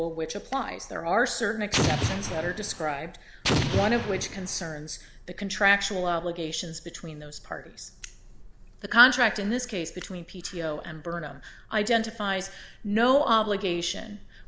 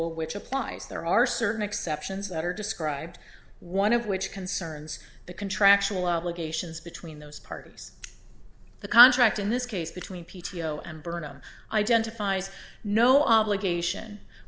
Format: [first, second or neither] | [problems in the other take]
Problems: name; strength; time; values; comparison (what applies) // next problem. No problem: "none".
second | background sound (Explosion); 1 dB below the speech